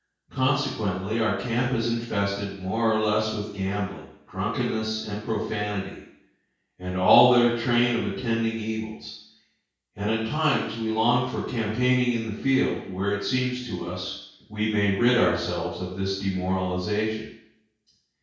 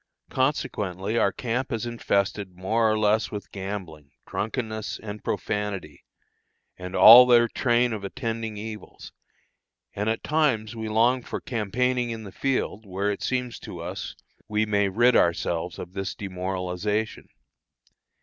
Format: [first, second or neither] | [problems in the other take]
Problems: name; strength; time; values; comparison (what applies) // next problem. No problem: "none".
second | room echo; dies away in 0.6 s